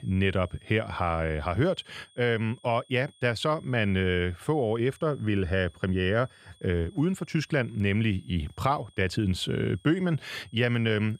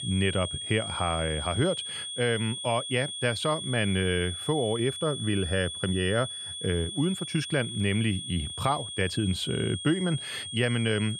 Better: first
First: high-pitched whine; faint; throughout; 3.5 kHz, 30 dB below the speech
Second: high-pitched whine; loud; throughout; 3.5 kHz, 6 dB below the speech

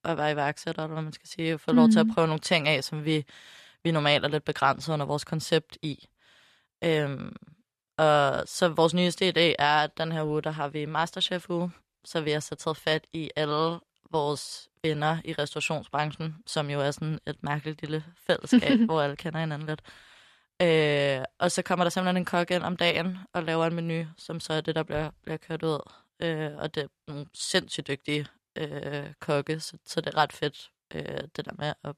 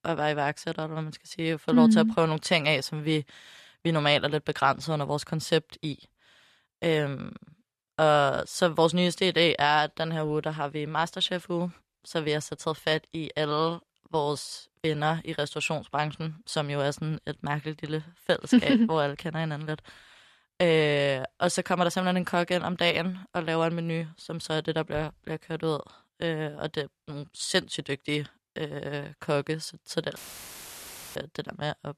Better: first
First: none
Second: audio cutting out; filled with static; at 30 s for 1 s

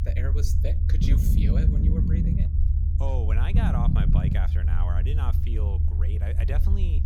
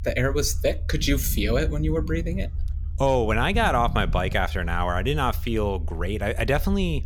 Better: second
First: low rumble; loud; throughout; as loud as the speech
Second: low rumble; faint; throughout; 20 dB below the speech

